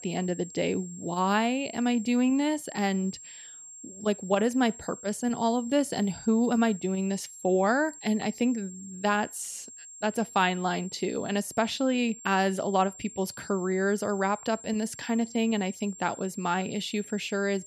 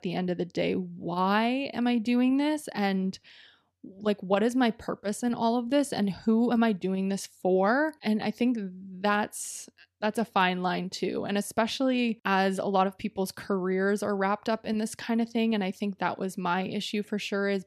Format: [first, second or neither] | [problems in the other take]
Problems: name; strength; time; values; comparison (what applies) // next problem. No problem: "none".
second | high-pitched whine; noticeable; throughout; 7.5 kHz, 15 dB below the speech